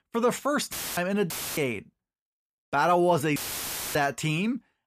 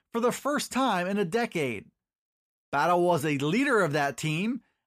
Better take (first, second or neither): second